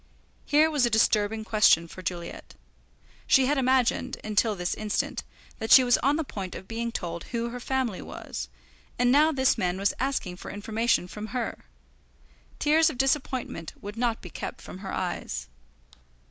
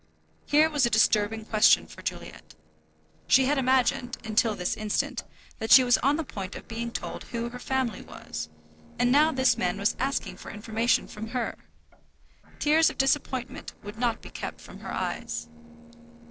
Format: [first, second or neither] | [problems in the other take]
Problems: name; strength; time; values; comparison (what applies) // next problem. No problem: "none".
first | noise reduction (neural separator model SepFormer DNS4)